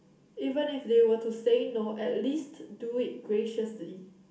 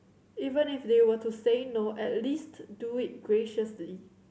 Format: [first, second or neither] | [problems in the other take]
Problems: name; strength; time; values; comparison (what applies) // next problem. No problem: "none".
second | room echo; dies away in 0.4 s